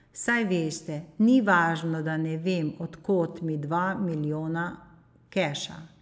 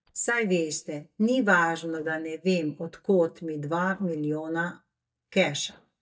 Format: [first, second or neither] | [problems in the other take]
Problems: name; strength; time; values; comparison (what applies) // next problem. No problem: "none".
first | noise reduction (neural mask model DeepFilterNet 3)